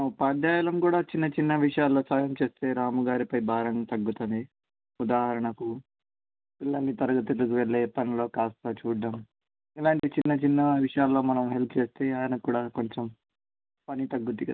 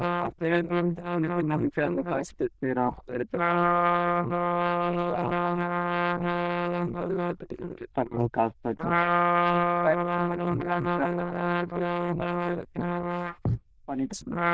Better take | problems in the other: first | noise reduction (neural diffusion model UNIVERSE++)

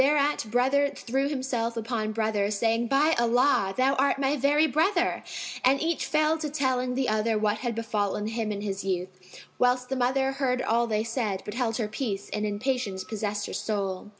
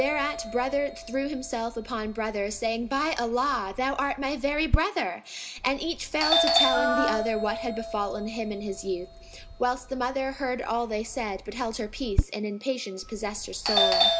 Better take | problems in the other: first | background sound (Doorbell + Wind instrument, woodwind instrument); 1 dB below the speech

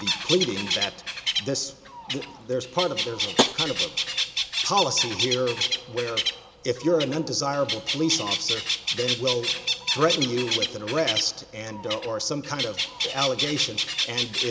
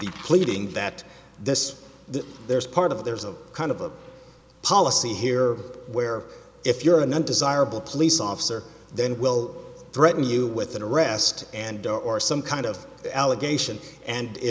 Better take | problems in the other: second | background sound (Bird + Tap); as loud as the speech

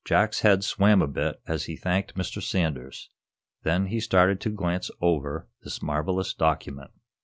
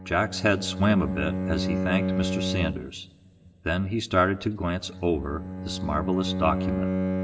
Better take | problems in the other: first | background sound (Bowed string instrument); 3 dB below the speech // room echo; dies away in 1.8 s

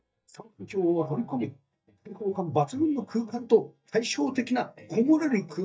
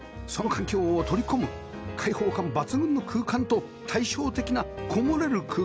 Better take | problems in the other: second | noise reduction (neural mask model DeepFilterNet 3)

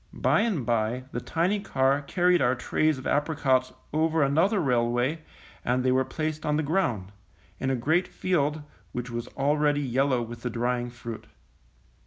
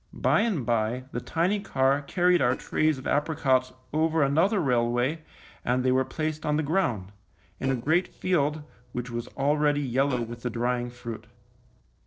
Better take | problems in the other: first | noise reduction (neural separator model SepFormer DNS4)

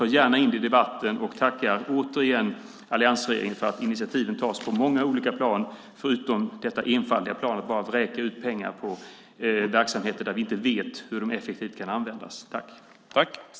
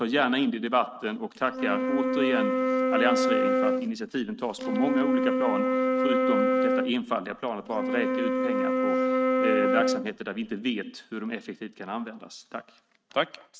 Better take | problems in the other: first | noise reduction (neural mask model RNNoise)

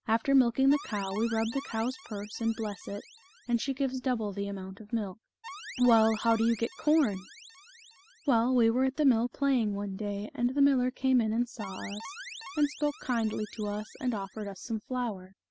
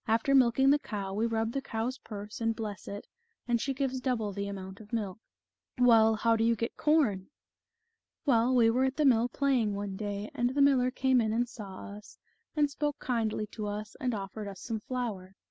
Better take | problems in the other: second | background sound (Alarm); 16 dB below the speech

